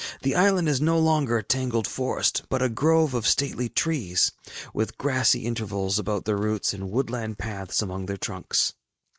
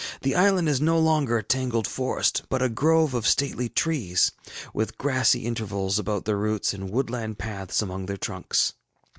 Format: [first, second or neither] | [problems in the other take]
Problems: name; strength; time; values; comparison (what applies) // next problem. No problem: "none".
second | noise reduction (neural mask model Resemble Enhance denoiser)